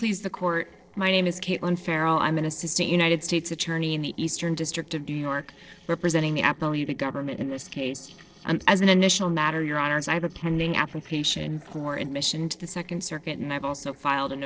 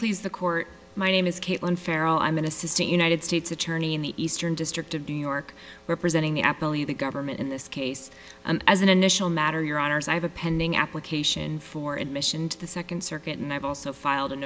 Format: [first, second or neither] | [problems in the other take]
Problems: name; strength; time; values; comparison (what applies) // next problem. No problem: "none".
second | noise reduction (neural separator model SepFormer DNS4)